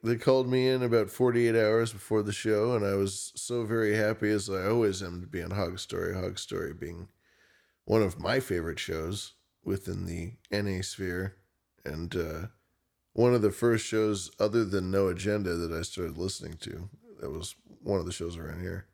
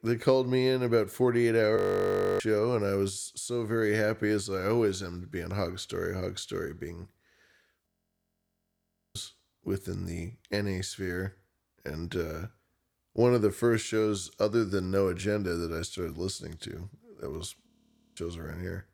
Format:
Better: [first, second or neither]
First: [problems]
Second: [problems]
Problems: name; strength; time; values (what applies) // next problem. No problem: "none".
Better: first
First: none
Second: audio freezing; at 2 s for 0.5 s, at 8 s for 1.5 s and at 18 s for 0.5 s